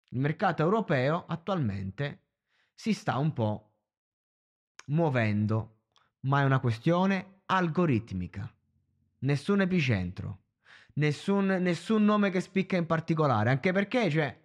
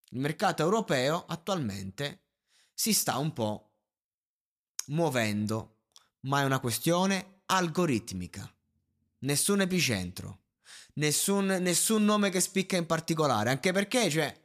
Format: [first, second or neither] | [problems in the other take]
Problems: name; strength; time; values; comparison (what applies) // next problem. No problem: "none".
second | muffled; very; fading above 2 kHz